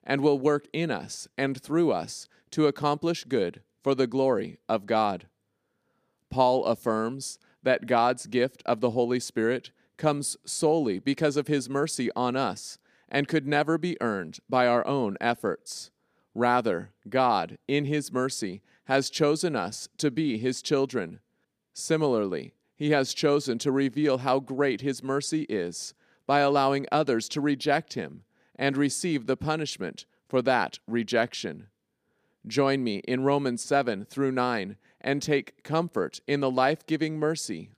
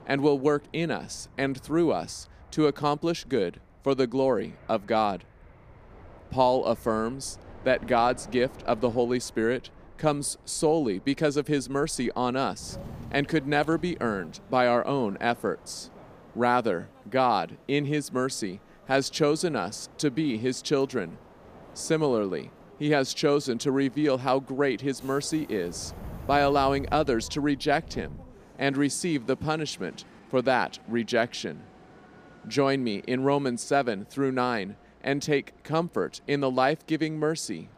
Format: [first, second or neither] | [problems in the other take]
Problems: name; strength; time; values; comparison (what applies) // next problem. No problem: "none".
first | train or aircraft noise; faint; throughout; 20 dB below the speech